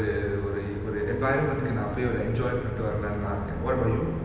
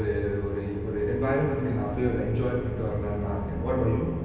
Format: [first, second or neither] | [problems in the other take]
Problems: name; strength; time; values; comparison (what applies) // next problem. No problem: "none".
first | room echo; dies away in 0.3 s